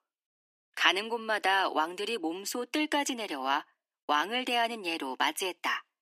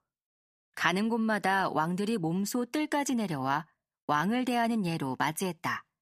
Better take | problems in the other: second | thin; somewhat; fading below 300 Hz

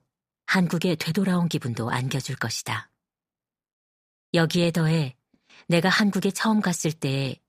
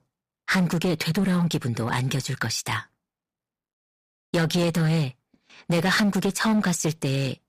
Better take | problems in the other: first | distortion; slight; 9% of the sound clipped

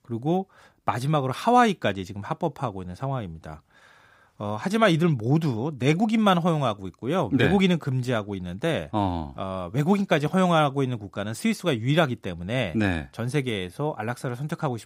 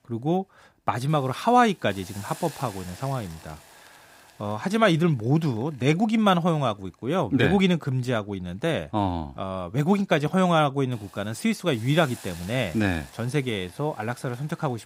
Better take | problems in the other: first | hiss; faint; throughout; 20 dB below the speech

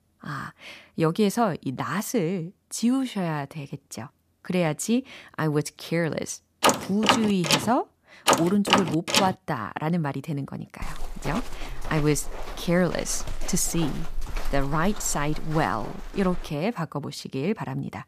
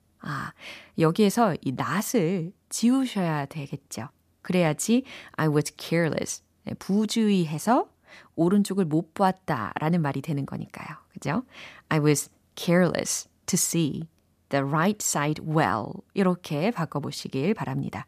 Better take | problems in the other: second | door banging; loud; from 6.5 to 9.5 s; peak 5 dB above the speech // footsteps; noticeable; from 11 to 16 s; peak 8 dB below the speech

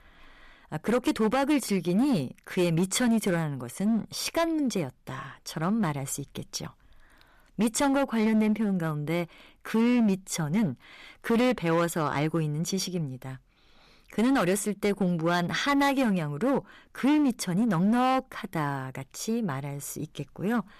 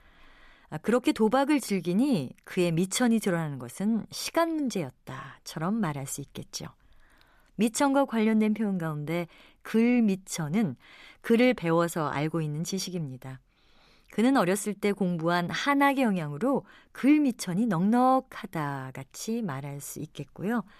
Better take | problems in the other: second | distortion; slight; 8% of the sound clipped

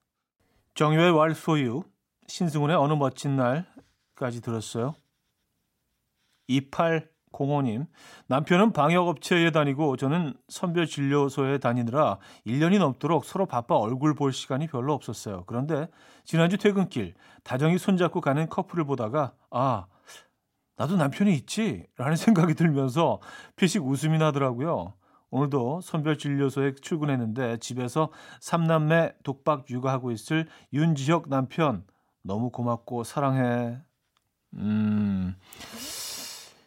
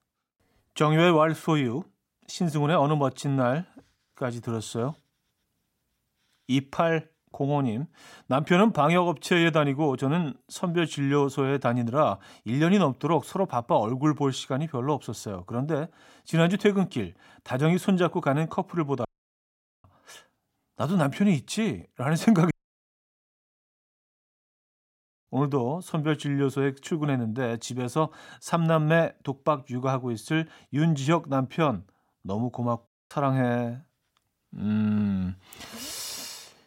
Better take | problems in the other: first | audio cutting out; at 19 s for 1 s, at 23 s for 3 s and at 33 s

